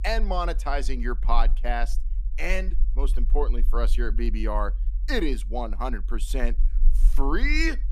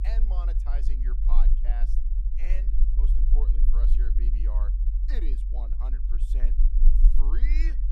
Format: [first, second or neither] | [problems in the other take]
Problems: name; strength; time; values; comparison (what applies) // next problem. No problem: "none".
first | low rumble; loud; throughout; 4 dB below the speech; faint in the first